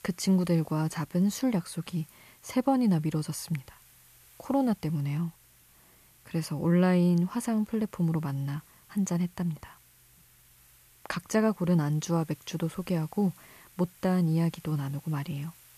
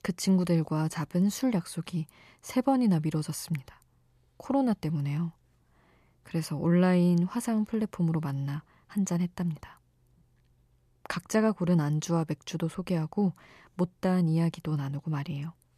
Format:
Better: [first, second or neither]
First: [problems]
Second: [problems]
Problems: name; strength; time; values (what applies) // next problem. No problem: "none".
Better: second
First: hiss; faint; throughout; 25 dB below the speech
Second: none